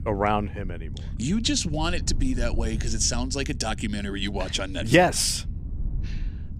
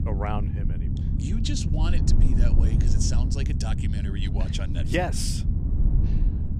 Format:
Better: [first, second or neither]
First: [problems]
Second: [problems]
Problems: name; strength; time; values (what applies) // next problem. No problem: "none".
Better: first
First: low rumble; faint; throughout; 20 dB below the speech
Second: low rumble; loud; throughout; 5 dB below the speech